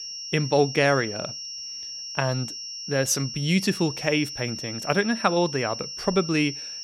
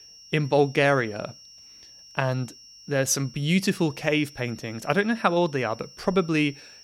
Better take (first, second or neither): second